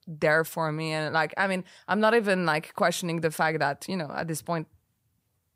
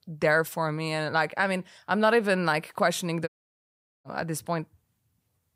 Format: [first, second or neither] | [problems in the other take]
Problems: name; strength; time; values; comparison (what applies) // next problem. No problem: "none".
first | audio cutting out; at 3.5 s for 1 s